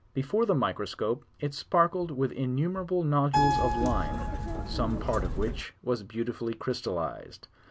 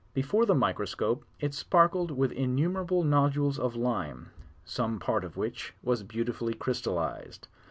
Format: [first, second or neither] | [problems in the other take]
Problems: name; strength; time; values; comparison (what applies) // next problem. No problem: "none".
second | background sound (Keyboard (musical)); 1 dB above the speech